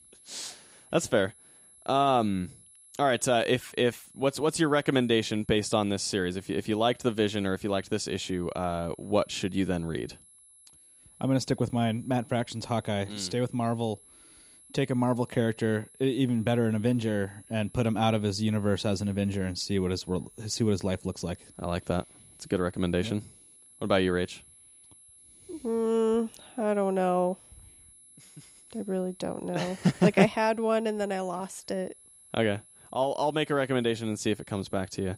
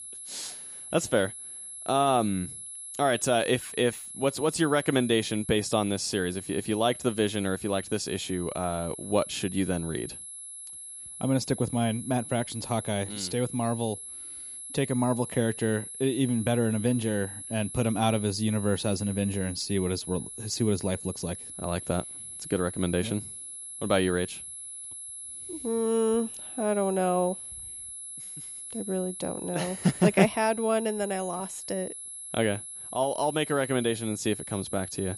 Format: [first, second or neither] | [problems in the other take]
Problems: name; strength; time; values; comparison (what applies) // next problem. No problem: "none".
first | high-pitched whine; loud; throughout; 11 kHz, 10 dB below the speech; faint in the first